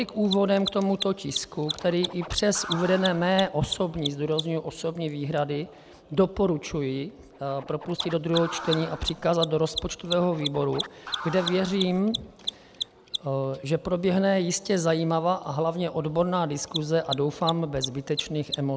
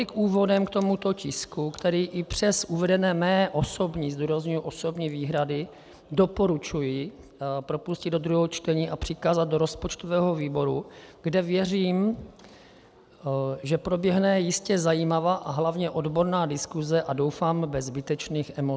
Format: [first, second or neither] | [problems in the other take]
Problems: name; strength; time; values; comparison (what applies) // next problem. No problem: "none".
second | background sound (Scratching (performance technique) + Mechanisms); 11 dB below the speech